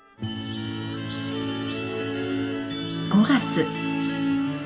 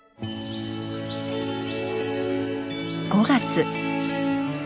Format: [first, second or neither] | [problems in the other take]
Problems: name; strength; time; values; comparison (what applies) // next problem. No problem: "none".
second | background sound (Trumpet); 20 dB below the speech // room echo; dies away in 0.6 s